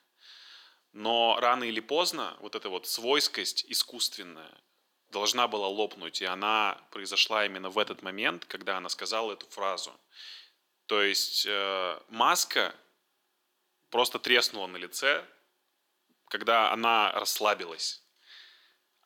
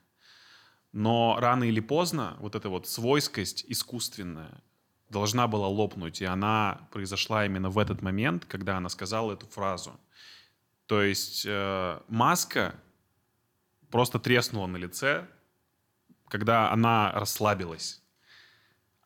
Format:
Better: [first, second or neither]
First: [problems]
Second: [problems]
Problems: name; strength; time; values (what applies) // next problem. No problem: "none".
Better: second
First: thin; somewhat; fading below 350 Hz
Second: none